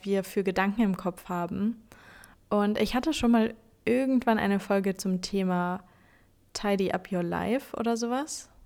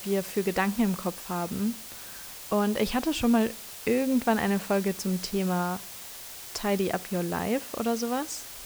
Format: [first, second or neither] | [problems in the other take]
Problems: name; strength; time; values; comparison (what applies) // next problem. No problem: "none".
first | hiss; noticeable; throughout; 10 dB below the speech